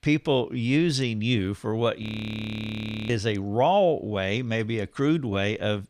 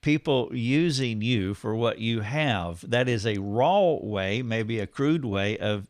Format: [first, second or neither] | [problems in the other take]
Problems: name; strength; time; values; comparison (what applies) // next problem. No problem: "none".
second | audio freezing; at 2 s for 1 s